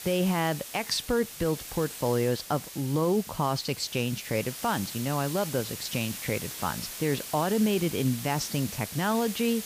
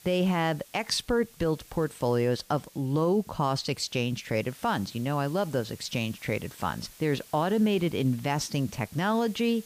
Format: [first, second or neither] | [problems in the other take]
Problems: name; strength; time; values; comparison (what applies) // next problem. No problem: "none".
second | hiss; loud; throughout; 9 dB below the speech; faint in the second